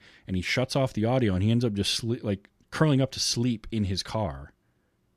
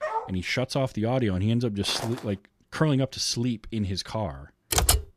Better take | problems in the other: first | dog barking; noticeable; at the start; peak 4 dB below the speech // footsteps; noticeable; at 2 s; peak 8 dB below the speech // keyboard typing; loud; at 4.5 s; peak 6 dB above the speech

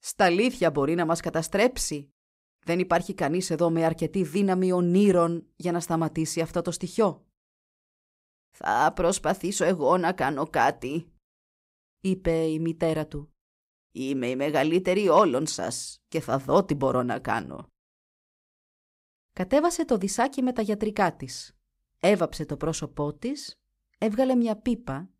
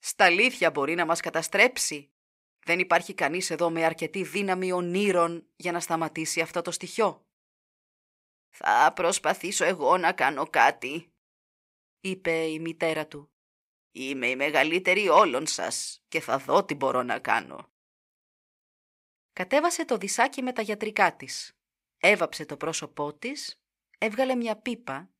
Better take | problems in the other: first | thin; somewhat; fading below 600 Hz

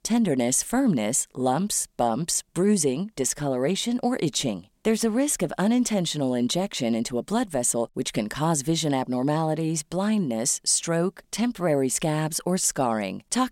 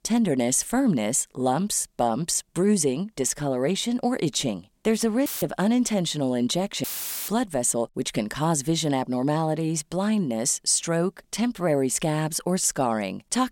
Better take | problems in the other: first | audio cutting out; filled with static; at 5.5 s and at 7 s

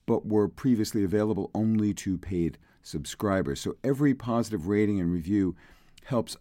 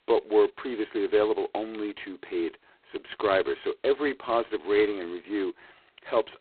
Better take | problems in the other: first | phone-call audio; poor line; nothing above 4 kHz

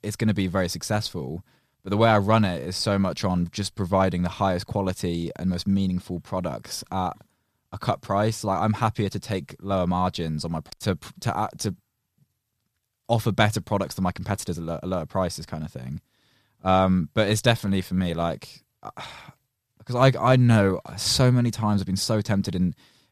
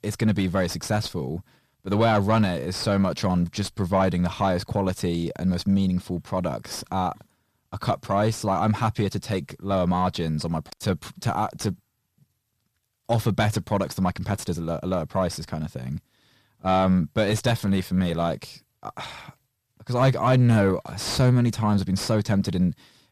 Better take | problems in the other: first | distortion; slight; 10 dB below the speech

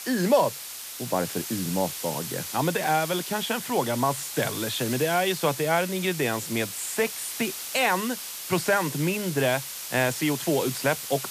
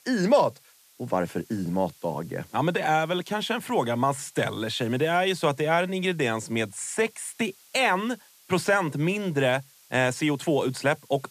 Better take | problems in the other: second | hiss; loud; throughout; 7 dB below the speech; faint in the second

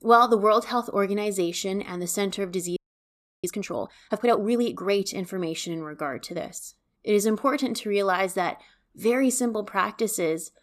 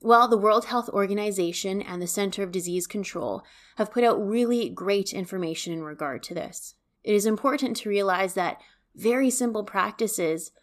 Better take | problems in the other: second | audio freezing; at 3 s for 0.5 s

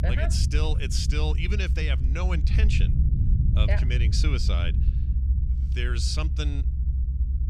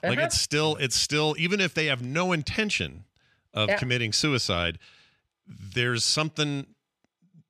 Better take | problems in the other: second | low rumble; loud; throughout; 9 dB below the speech

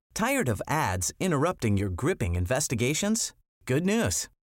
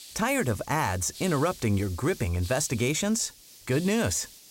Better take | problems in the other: first | hiss; noticeable; throughout; 15 dB below the speech

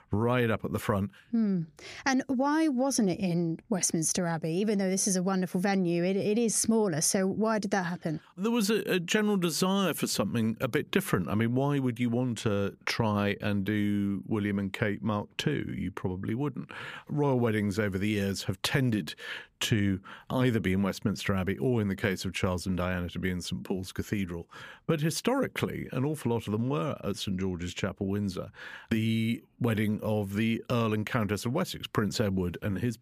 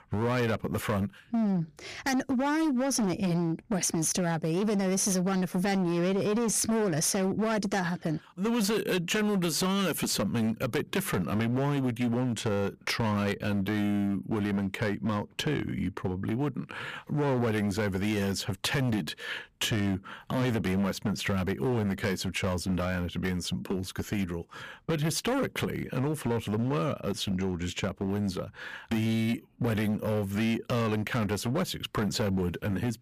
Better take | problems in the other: first | distortion; slight; 16% of the sound clipped

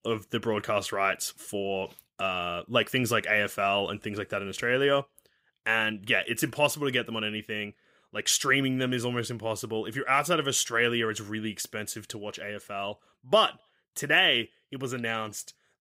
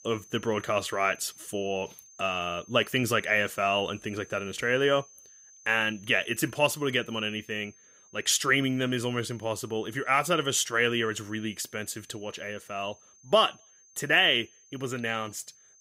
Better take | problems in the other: first | high-pitched whine; faint; throughout; 6.5 kHz, 25 dB below the speech

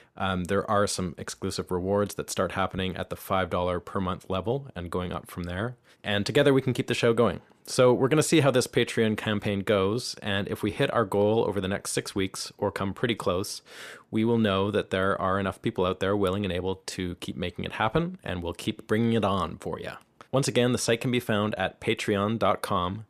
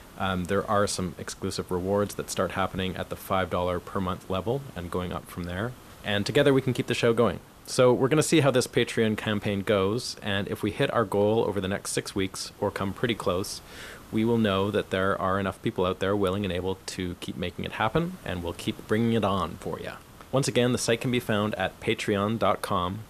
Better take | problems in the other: first | hiss; faint; throughout; 20 dB below the speech

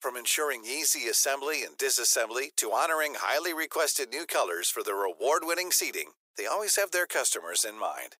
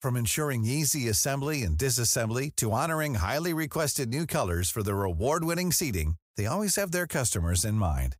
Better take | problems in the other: second | thin; very; fading below 350 Hz

